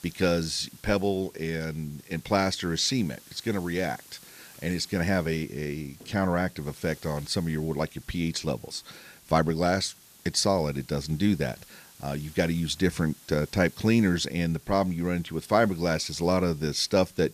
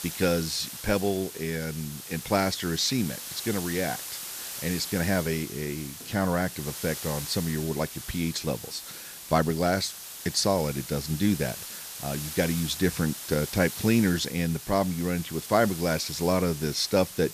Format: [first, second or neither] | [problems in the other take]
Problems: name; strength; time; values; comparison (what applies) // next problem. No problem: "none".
first | hiss; loud; throughout; 9 dB below the speech; faint in the first